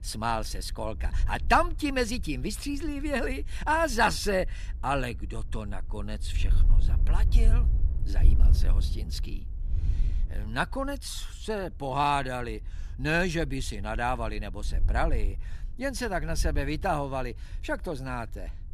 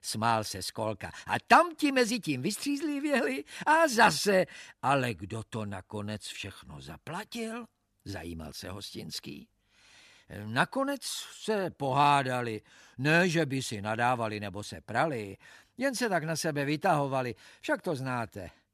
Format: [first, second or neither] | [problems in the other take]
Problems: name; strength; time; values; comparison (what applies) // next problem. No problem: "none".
second | wind noise on the microphone; occasional gusts; 25 dB below the speech